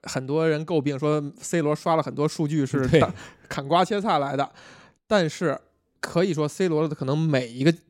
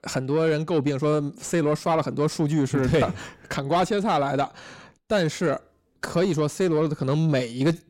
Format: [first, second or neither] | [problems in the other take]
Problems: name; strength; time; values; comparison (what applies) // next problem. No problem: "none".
first | distortion; slight; 10 dB below the speech